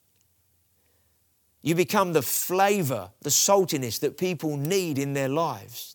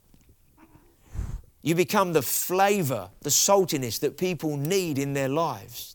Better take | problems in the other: first | hiss; noticeable; throughout; 20 dB below the speech

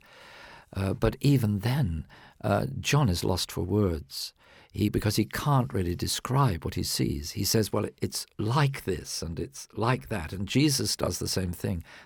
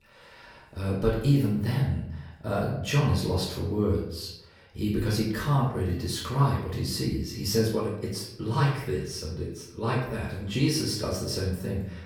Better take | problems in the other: first | off-mic speech; far // room echo; noticeable; dies away in 0.7 s

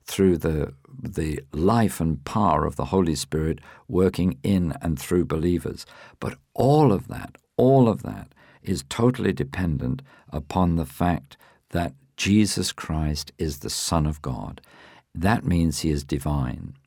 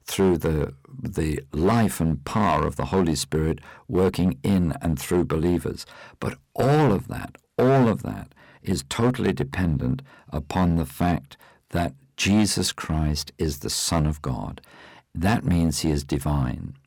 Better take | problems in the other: first | distortion; slight; 5% of the sound clipped

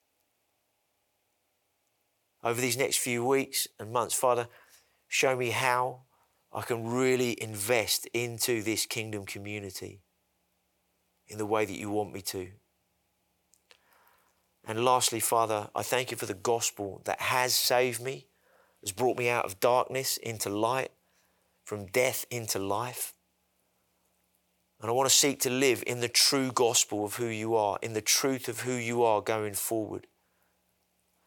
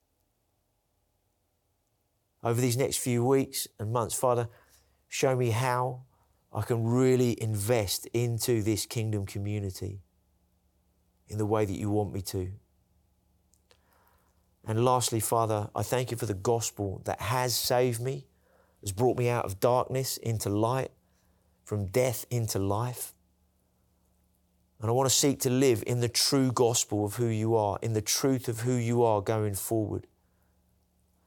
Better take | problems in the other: second | thin; somewhat; fading below 500 Hz

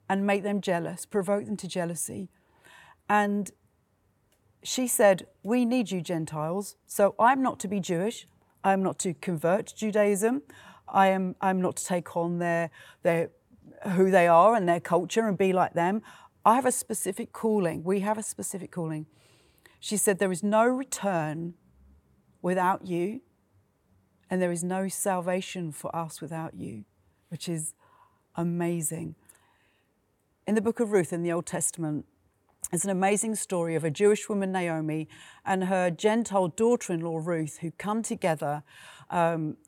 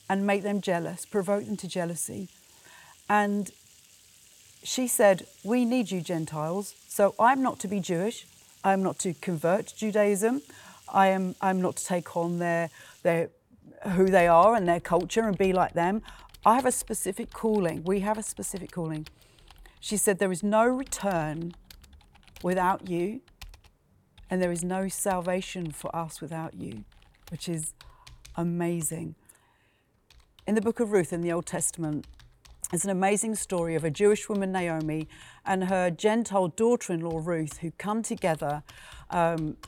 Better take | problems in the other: first | household noises; faint; throughout; 25 dB below the speech

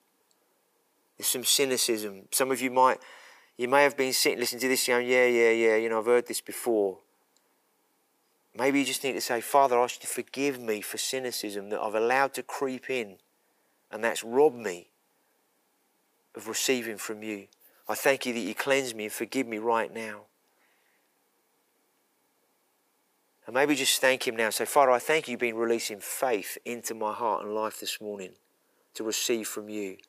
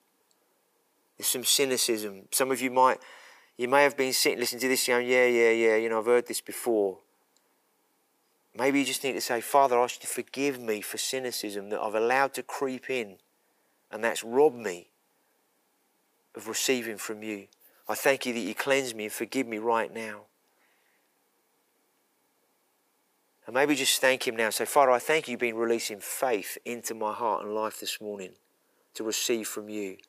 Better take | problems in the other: neither | thin; somewhat; fading below 350 Hz; the same in both

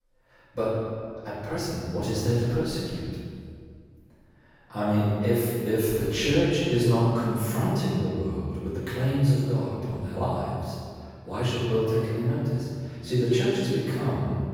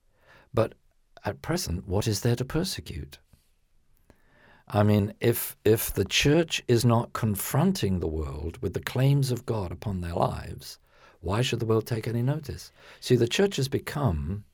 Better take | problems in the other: second | off-mic speech; far // room echo; strong; dies away in 1.9 s

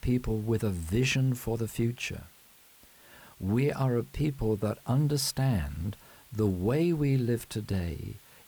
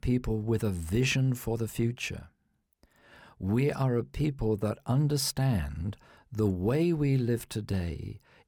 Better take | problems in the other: second | hiss; faint; throughout; 25 dB below the speech

